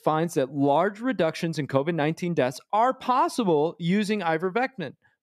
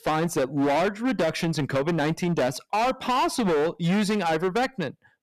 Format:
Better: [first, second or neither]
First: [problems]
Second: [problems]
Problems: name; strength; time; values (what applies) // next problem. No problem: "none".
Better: first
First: none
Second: distortion; heavy; 22% of the sound clipped